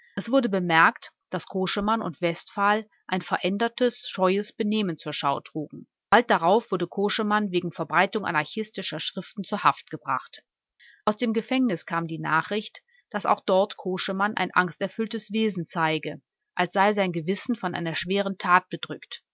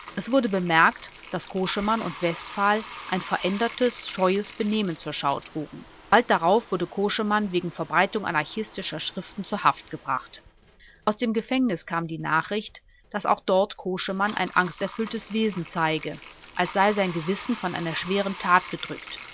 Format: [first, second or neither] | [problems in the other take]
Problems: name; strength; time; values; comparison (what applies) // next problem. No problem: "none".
first | background sound (Bathtub (filling or washing)); 18 dB below the speech